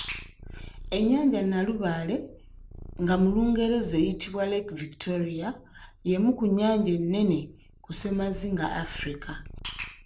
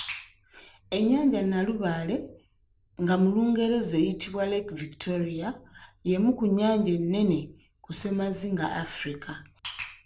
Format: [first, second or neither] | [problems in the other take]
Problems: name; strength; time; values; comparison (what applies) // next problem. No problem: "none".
second | background sound (Purr); 16 dB below the speech